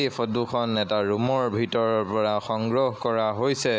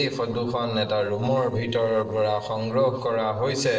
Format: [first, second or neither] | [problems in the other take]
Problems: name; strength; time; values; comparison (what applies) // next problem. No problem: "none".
first | noise reduction (neural separator model SepFormer DNS4)